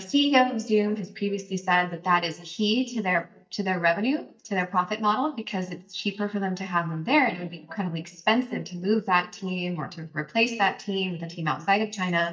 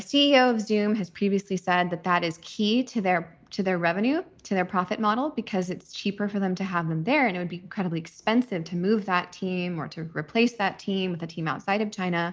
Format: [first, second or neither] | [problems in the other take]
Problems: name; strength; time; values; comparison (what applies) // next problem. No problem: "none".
second | noise reduction (neural mask model DeepFilterNet 3)